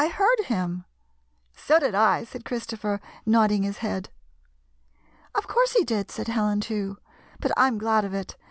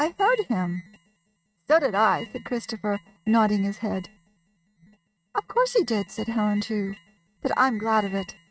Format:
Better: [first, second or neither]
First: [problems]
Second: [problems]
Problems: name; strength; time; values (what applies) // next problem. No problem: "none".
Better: first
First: none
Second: noise reduction (neural mask model RNNoise)